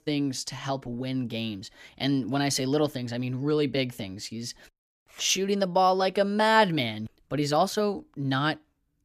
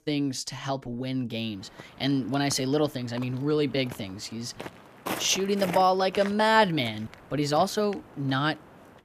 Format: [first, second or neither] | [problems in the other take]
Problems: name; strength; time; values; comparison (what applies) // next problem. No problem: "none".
first | footsteps; noticeable; from 2 to 8.5 s; peak 7 dB below the speech